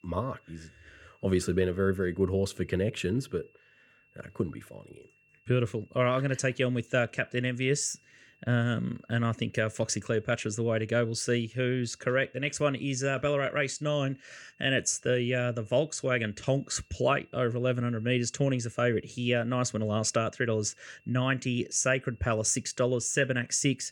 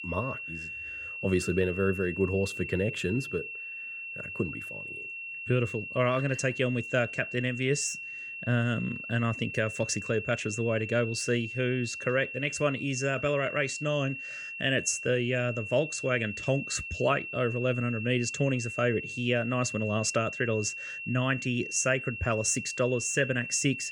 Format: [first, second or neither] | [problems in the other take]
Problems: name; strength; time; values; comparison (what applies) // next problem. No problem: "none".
first | high-pitched whine; loud; throughout; 2.5 kHz, 7 dB below the speech; faint in the first